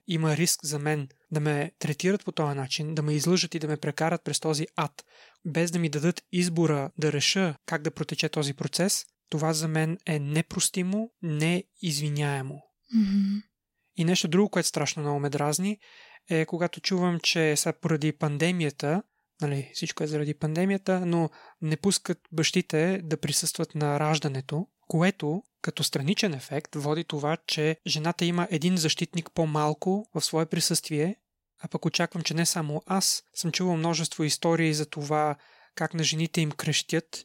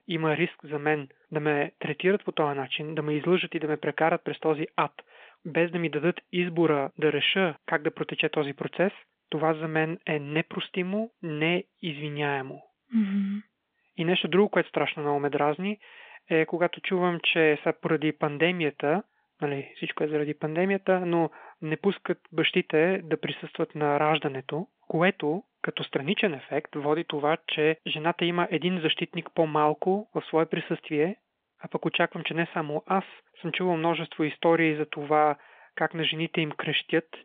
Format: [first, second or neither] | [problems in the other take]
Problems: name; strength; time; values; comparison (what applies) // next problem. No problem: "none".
first | phone-call audio; nothing above 3.5 kHz